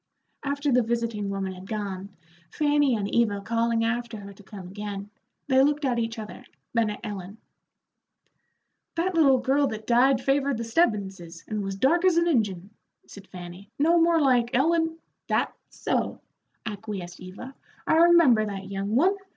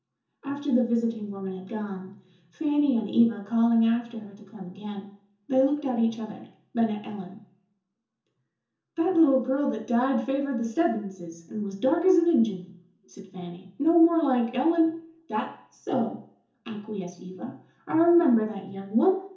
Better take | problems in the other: first | room echo; dies away in 0.7 s

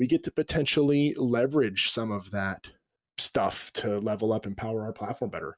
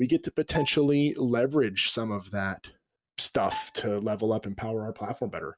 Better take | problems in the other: first | background sound (Bowed string instrument); 17 dB below the speech

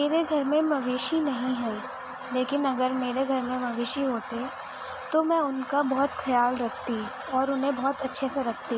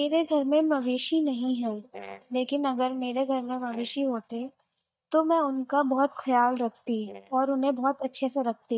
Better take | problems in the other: first | noise reduction (neural mask model DeepFilterNet 3)

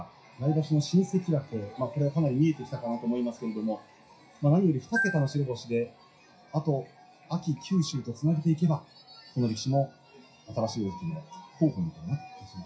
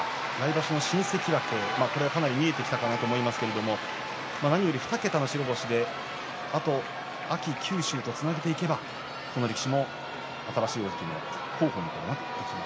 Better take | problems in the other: second | noise reduction (classical method WPE with log-MMSE)

